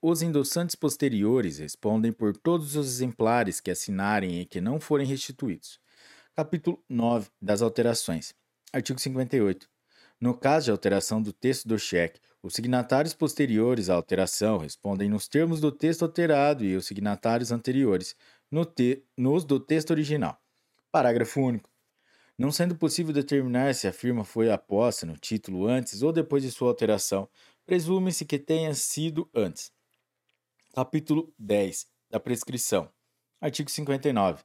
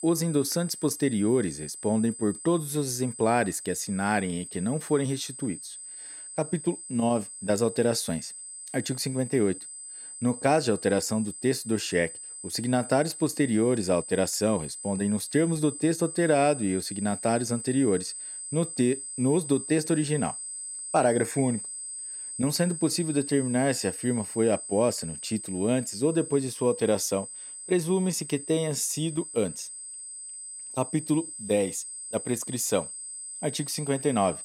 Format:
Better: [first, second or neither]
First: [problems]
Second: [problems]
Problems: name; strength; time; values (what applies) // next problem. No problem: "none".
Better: first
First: none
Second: high-pitched whine; loud; throughout; 8 kHz, 9 dB below the speech